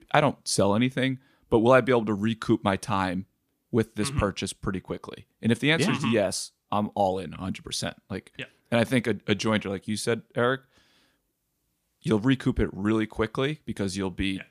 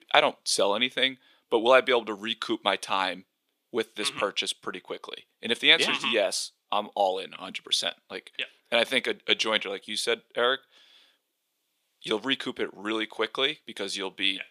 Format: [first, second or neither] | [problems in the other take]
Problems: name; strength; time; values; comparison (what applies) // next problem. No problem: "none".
first | thin; somewhat; fading below 500 Hz